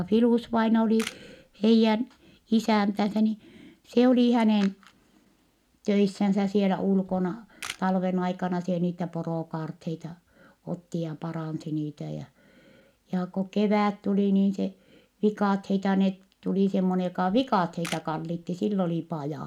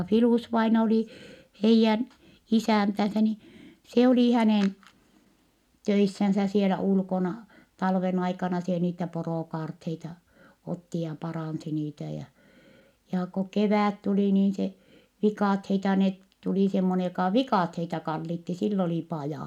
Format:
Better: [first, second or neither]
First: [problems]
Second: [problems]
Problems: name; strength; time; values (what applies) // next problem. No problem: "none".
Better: second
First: background sound (Camera); 17 dB below the speech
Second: none